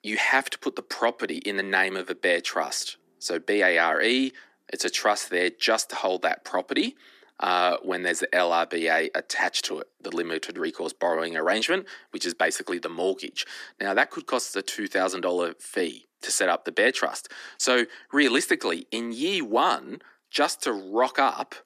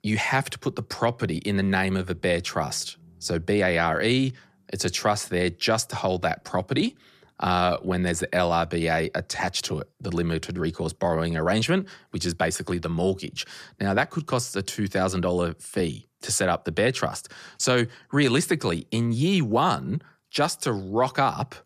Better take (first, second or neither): second